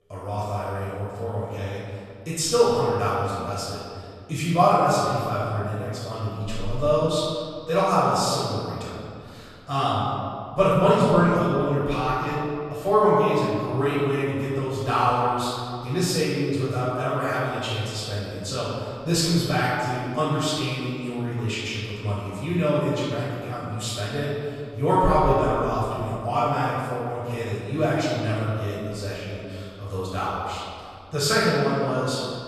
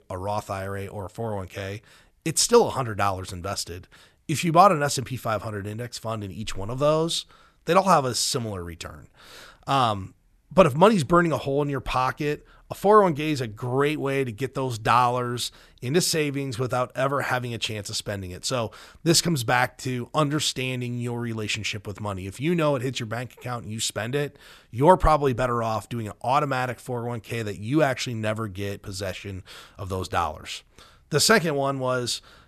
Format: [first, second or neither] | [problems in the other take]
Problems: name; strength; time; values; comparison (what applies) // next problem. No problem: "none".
second | room echo; strong; dies away in 2 s // off-mic speech; far